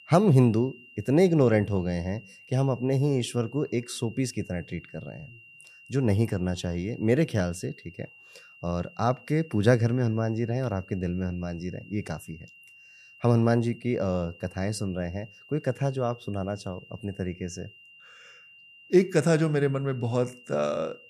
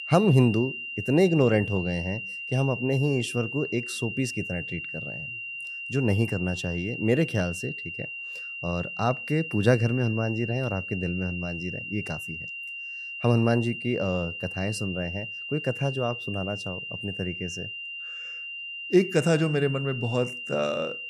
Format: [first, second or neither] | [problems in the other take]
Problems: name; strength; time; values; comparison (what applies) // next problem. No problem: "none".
first | high-pitched whine; loud; throughout; 3 kHz, 7 dB below the speech; faint in the first